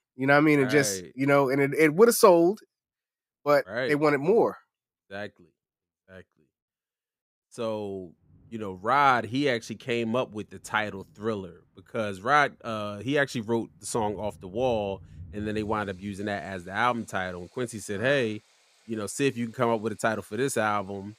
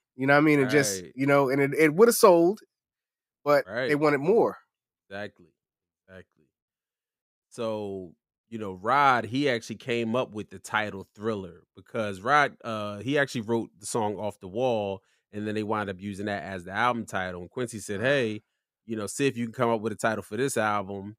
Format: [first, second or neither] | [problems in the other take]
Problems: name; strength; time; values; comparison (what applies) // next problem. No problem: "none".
second | rain or running water; faint; from 8 s on; 30 dB below the speech